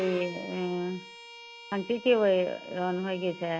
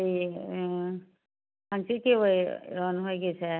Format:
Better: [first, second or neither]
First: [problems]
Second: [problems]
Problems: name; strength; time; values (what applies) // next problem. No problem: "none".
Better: second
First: background sound (Bowed string instrument); 16 dB below the speech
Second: none